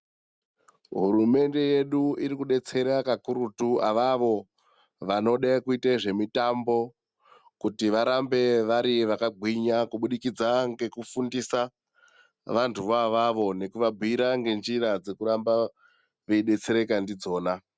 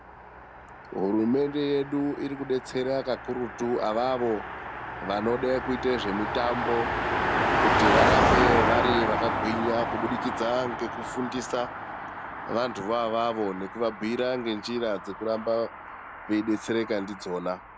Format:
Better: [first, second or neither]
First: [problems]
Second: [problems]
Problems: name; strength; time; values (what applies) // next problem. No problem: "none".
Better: first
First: none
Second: background sound (Car passing by); 1 dB below the speech